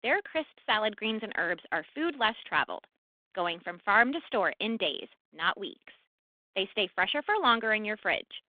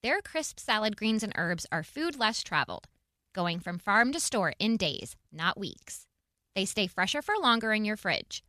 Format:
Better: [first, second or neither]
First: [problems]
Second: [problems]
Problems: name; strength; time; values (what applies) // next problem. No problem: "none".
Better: second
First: phone-call audio; nothing above 3.5 kHz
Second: none